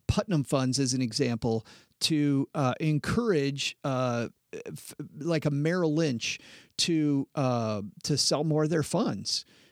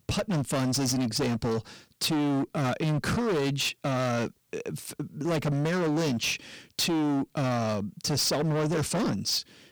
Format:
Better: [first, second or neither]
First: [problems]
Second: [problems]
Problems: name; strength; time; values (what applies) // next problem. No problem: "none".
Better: first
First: none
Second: distortion; heavy; 26% of the sound clipped